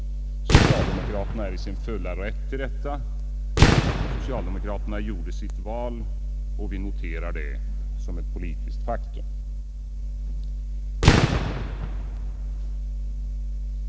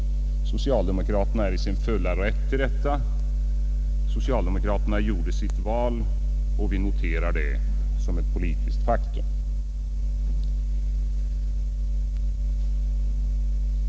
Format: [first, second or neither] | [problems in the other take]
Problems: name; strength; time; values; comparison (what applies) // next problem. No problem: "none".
second | background sound (Fireworks); 5 dB above the speech